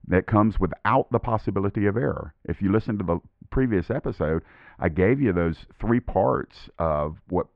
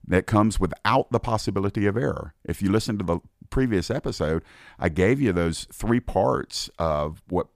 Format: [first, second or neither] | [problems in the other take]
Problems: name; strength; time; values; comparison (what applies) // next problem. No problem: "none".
second | muffled; very; fading above 2 kHz